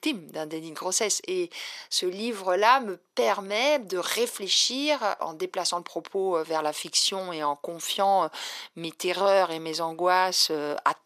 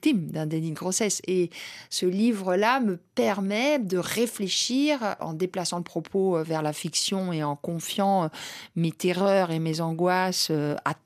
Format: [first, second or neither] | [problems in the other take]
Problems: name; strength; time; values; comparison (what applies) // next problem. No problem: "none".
second | thin; somewhat; fading below 500 Hz